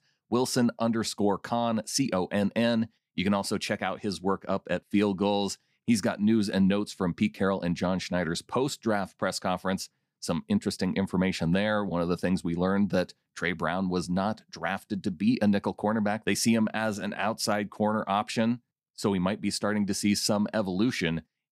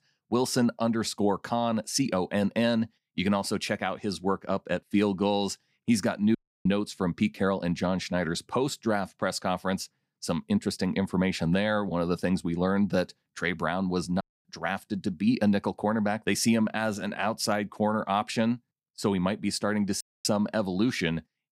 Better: first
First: none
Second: audio cutting out; at 6.5 s, at 14 s and at 20 s

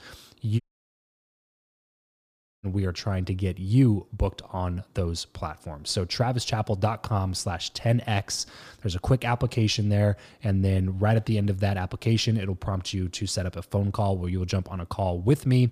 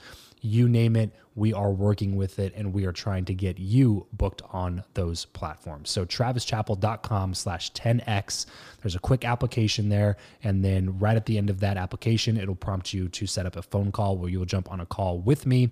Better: second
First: audio cutting out; at 0.5 s for 2 s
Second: none

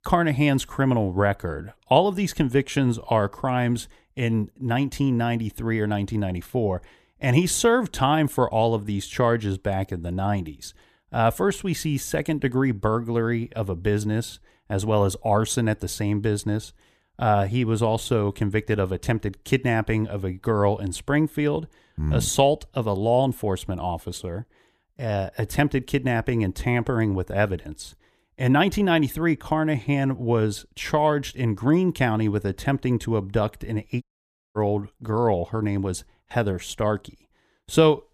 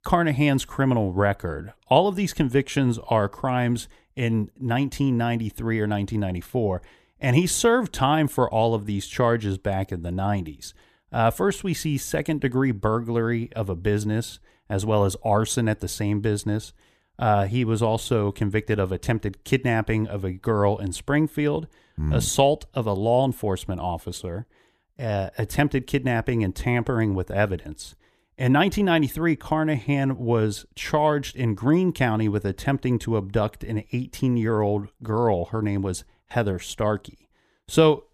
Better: second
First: audio cutting out; at 34 s for 0.5 s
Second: none

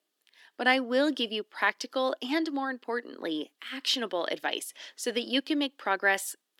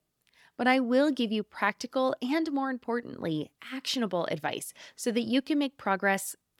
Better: second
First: thin; very slightly; fading below 300 Hz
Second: none

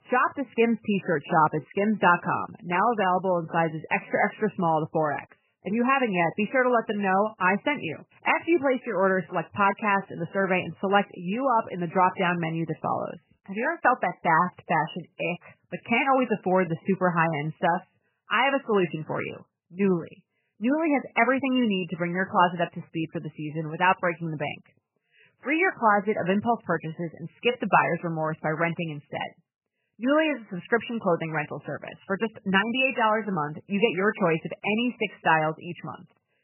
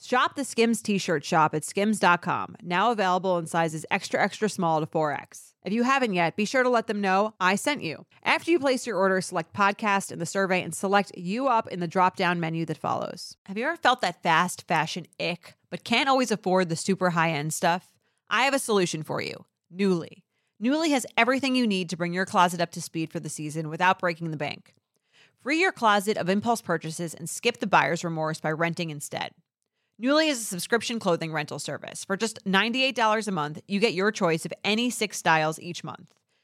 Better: second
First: garbled, watery; badly; nothing above 3 kHz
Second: none

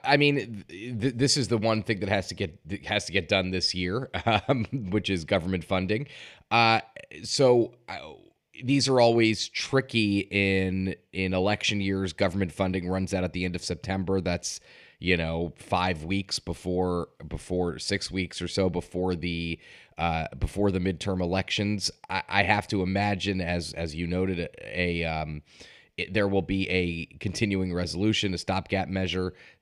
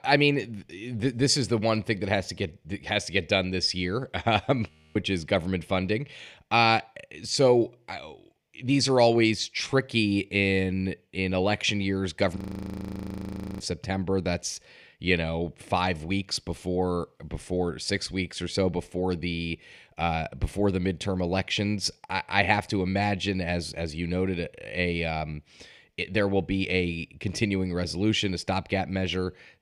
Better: first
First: none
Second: audio freezing; at 4.5 s and at 12 s for 1 s

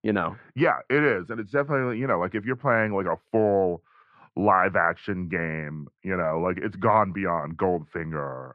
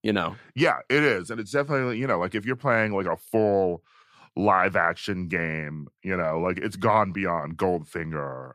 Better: second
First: muffled; very; fading above 1.5 kHz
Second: none

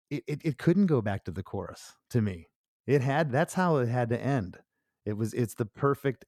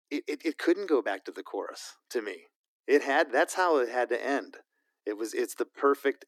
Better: first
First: none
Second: thin; somewhat; fading below 300 Hz

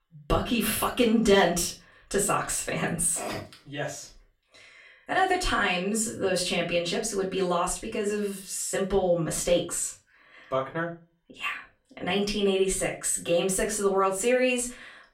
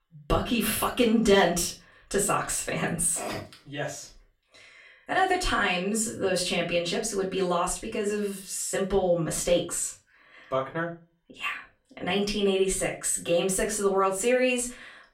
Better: neither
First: off-mic speech; far // room echo; slight; dies away in 0.3 s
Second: off-mic speech; far // room echo; slight; dies away in 0.3 s

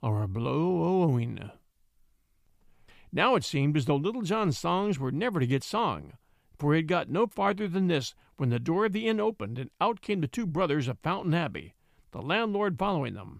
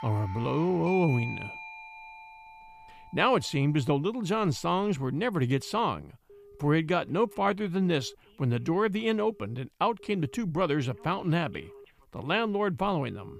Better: first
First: none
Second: alarms or sirens; noticeable; throughout; 15 dB below the speech

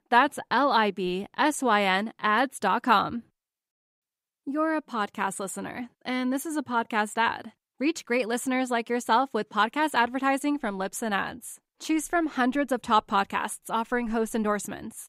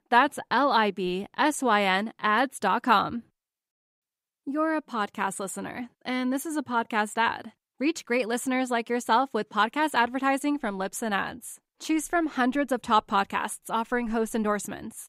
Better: neither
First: none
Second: none

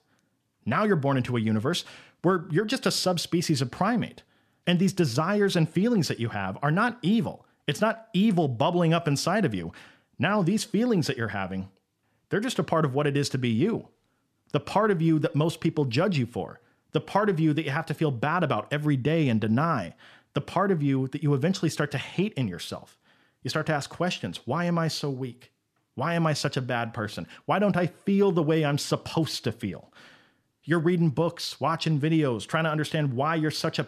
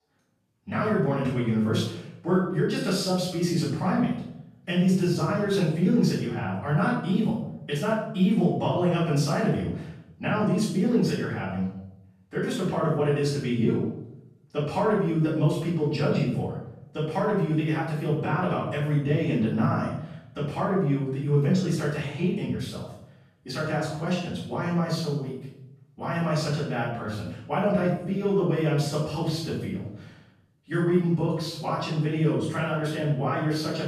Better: first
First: none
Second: off-mic speech; far // room echo; noticeable; dies away in 0.7 s

